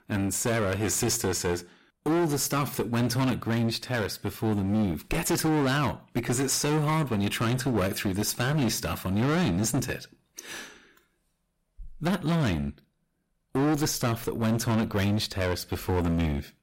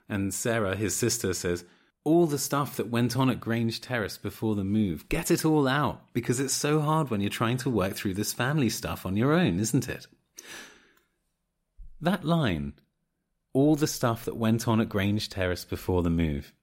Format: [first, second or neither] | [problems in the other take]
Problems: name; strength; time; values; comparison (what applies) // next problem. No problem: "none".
second | distortion; heavy; 18% of the sound clipped